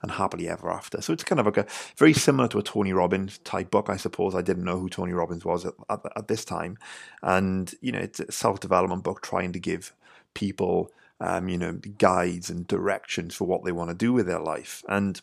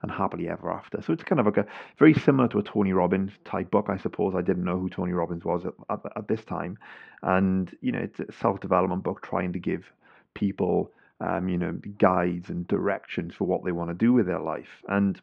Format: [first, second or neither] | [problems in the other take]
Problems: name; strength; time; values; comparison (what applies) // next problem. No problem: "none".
first | muffled; very; fading above 2.5 kHz